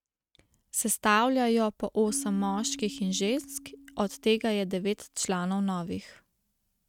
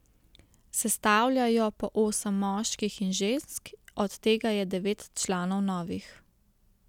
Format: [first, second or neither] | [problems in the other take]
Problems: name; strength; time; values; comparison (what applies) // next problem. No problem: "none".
second | noise reduction (neural mask model RNNoise)